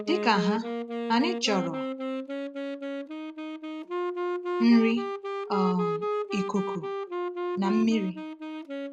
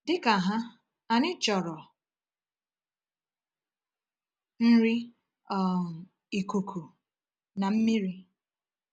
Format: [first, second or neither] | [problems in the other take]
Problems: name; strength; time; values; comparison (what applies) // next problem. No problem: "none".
second | background sound (Wind instrument, woodwind instrument); 3 dB below the speech